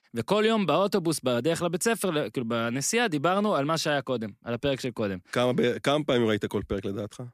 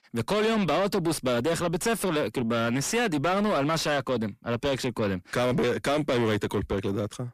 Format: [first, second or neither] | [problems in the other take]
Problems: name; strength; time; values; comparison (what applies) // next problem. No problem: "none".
first | distortion; heavy; 7 dB below the speech